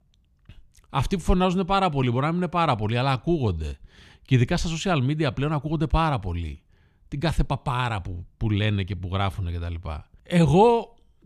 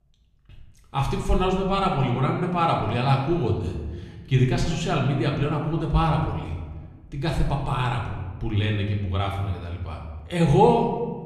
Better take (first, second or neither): first